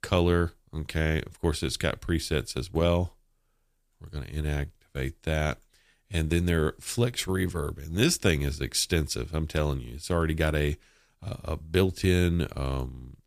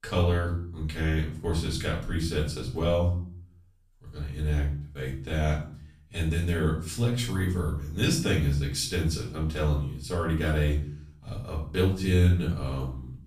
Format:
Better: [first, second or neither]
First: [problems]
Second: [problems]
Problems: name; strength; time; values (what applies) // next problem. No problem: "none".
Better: first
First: none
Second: room echo; slight; dies away in 0.5 s // off-mic speech; far